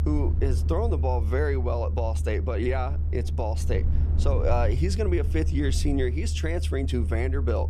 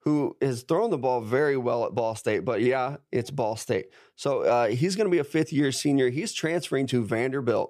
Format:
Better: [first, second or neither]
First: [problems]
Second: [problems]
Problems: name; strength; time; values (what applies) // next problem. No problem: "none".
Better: second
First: low rumble; noticeable; throughout; 15 dB below the speech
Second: none